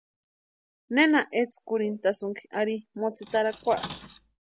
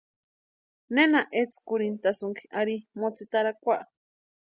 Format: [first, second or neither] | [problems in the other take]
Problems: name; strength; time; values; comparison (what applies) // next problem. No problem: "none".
second | background sound (Cutlery, silverware); 18 dB below the speech